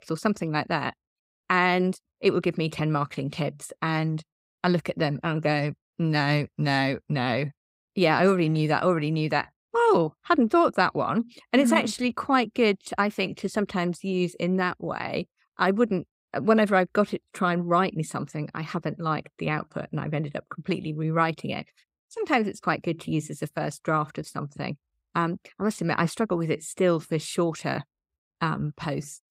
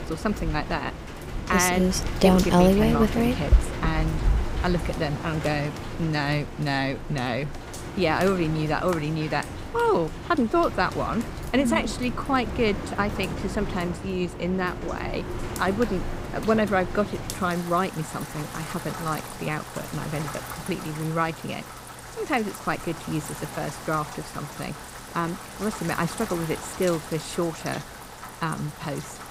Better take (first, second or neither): first